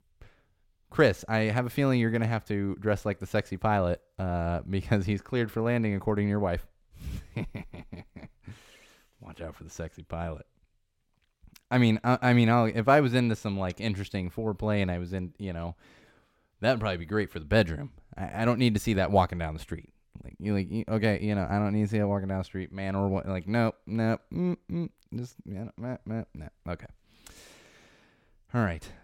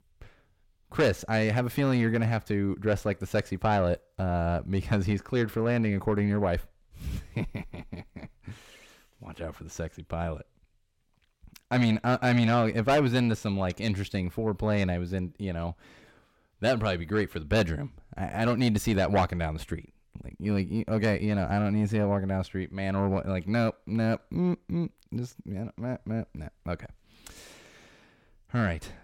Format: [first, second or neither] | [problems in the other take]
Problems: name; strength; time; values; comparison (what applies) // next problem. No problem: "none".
first | distortion; slight; 10 dB below the speech